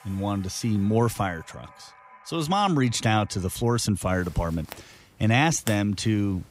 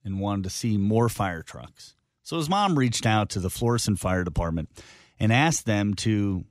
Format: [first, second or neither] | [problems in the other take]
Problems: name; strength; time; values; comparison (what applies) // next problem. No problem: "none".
second | household noises; faint; throughout; 20 dB below the speech